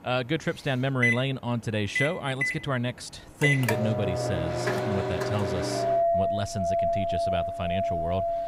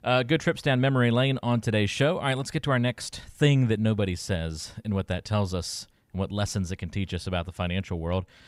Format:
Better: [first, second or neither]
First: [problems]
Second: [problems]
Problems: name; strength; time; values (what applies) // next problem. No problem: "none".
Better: second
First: household noises; very loud; throughout; 2 dB above the speech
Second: none